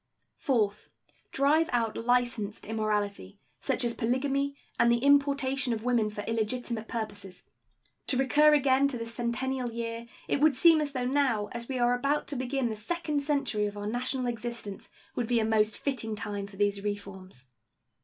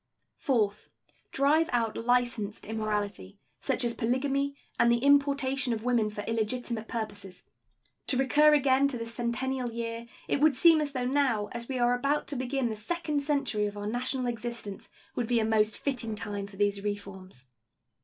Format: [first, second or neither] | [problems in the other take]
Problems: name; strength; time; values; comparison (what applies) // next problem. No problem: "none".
first | noise reduction (neural separator model SepFormer DNS4)